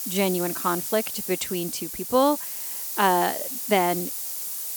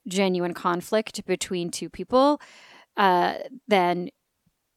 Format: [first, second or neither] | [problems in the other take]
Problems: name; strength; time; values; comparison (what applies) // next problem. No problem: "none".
second | hiss; loud; throughout; 4 dB below the speech